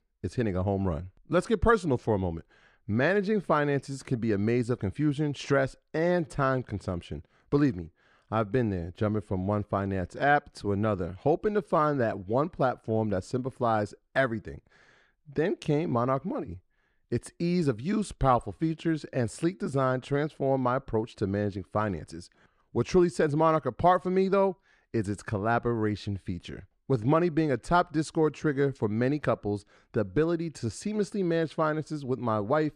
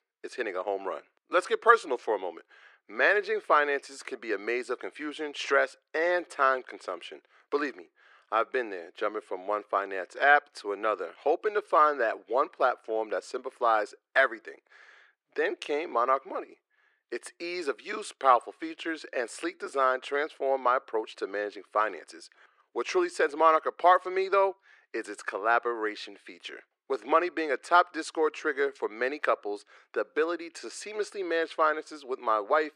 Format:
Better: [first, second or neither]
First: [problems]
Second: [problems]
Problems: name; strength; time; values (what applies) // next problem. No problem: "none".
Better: first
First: none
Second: thin; very; fading below 350 Hz